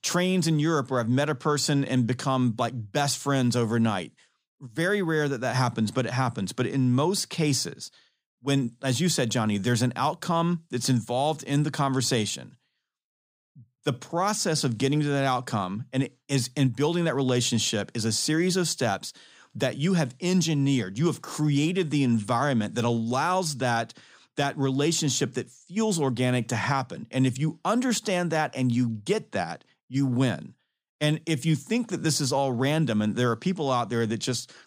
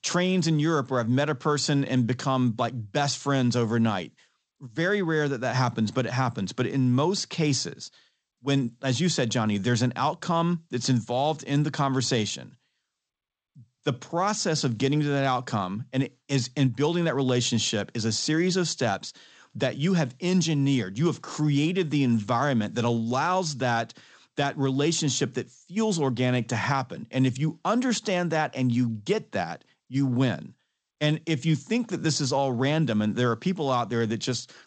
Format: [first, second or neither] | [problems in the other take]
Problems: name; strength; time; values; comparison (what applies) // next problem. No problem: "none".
first | garbled, watery; slightly; nothing above 7.5 kHz